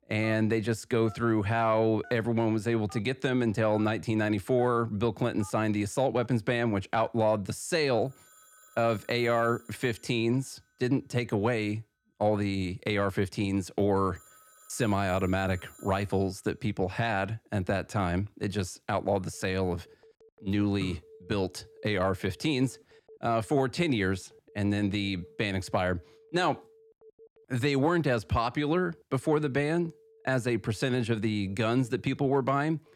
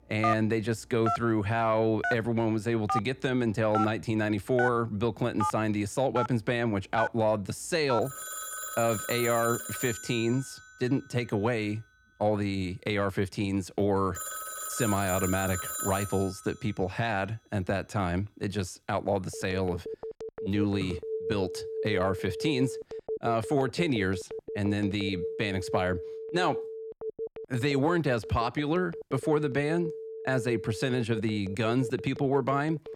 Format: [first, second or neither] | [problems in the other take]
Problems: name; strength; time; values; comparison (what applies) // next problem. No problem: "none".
first | alarms or sirens; loud; throughout; 7 dB below the speech; faint in the first